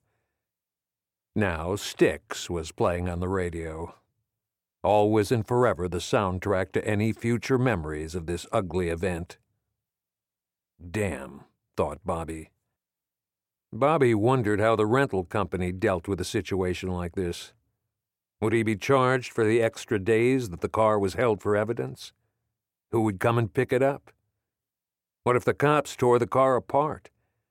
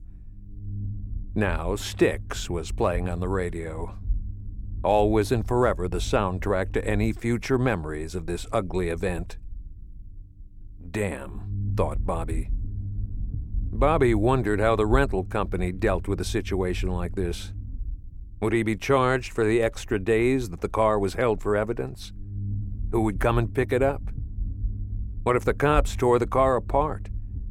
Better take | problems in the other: first | low rumble; faint; throughout; 25 dB below the speech

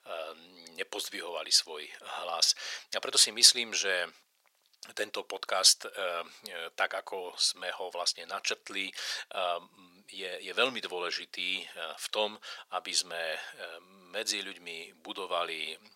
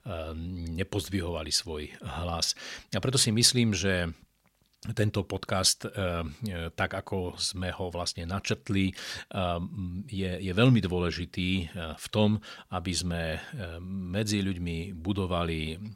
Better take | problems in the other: second | thin; very; fading below 550 Hz

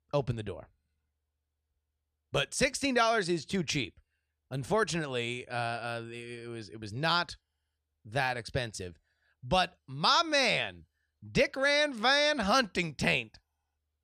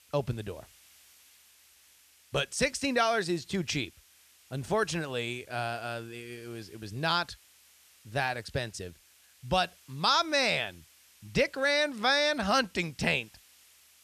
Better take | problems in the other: first | hiss; faint; throughout; 30 dB below the speech

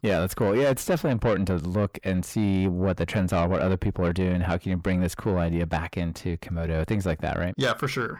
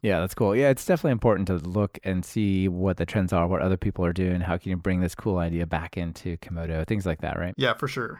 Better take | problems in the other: second | distortion; slight; 10 dB below the speech

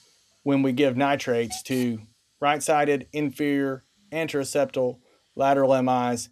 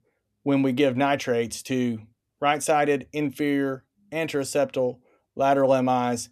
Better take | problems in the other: second | hiss; faint; throughout; 20 dB below the speech

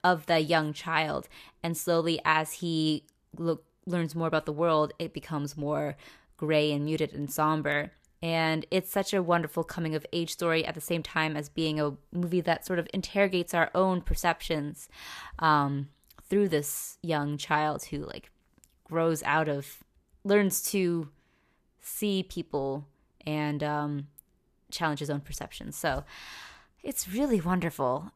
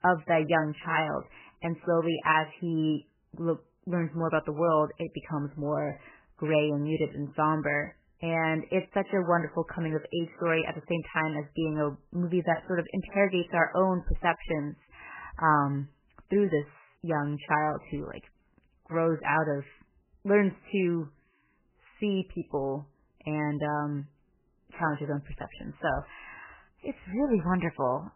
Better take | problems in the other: first | garbled, watery; badly; nothing above 3 kHz

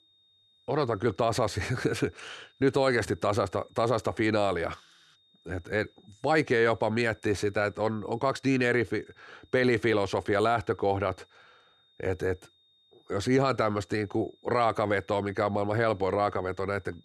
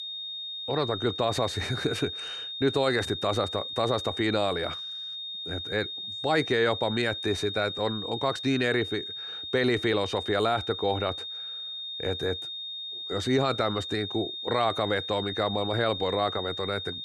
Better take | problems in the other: first | high-pitched whine; loud; throughout; 3.5 kHz, 5 dB below the speech; faint in the first

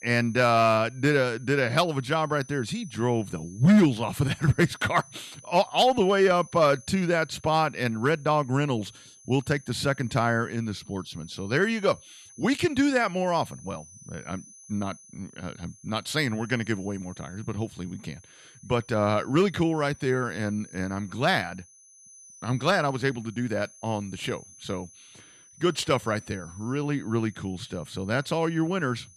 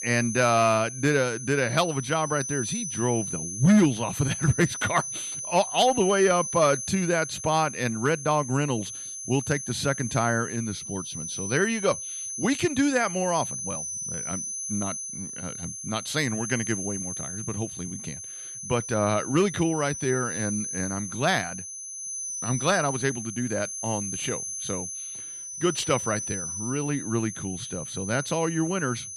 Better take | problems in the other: first | high-pitched whine; loud; throughout; 6.5 kHz, 6 dB below the speech; faint in the first

